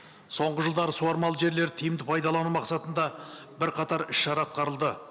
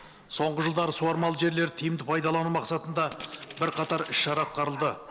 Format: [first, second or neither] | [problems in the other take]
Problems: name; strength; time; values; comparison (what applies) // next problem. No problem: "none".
first | background sound (Coin (dropping) + Dog); 18 dB below the speech